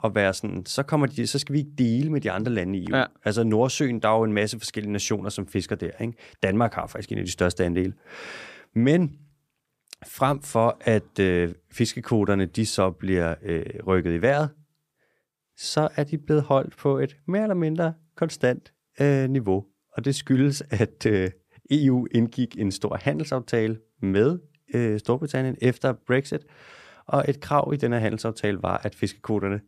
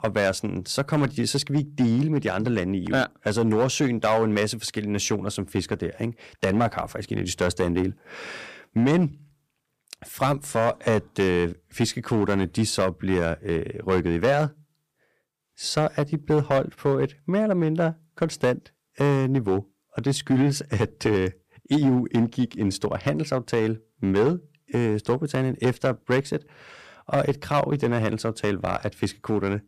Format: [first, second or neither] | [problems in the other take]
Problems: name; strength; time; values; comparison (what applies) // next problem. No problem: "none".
first | distortion; slight; 4% of the sound clipped